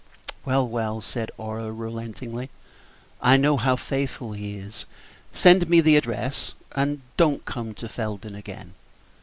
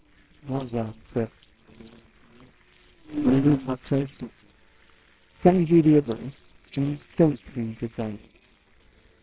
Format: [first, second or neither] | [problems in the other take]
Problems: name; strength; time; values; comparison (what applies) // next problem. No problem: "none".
first | noise reduction (neural separator model SepFormer WHAMR!)